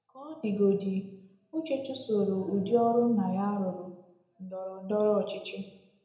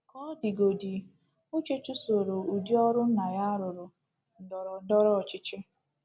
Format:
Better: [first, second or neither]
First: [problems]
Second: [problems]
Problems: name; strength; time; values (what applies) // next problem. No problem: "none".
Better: second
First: room echo; dies away in 0.7 s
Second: none